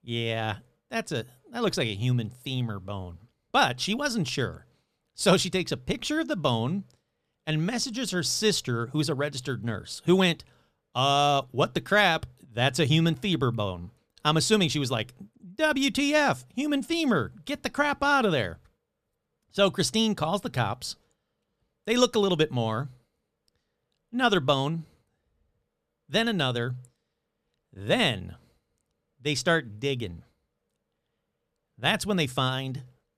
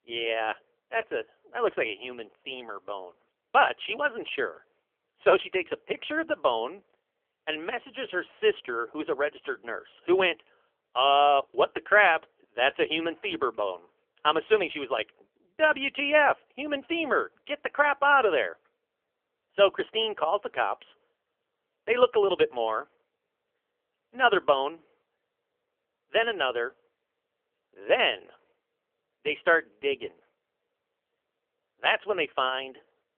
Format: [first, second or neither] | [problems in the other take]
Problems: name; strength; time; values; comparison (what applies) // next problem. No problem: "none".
first | phone-call audio; poor line; nothing above 3.5 kHz